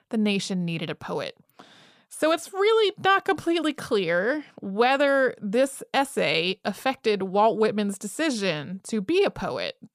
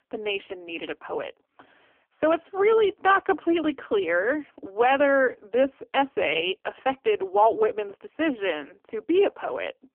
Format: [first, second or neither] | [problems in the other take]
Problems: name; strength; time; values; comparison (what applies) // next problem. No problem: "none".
first | phone-call audio; poor line; nothing above 3 kHz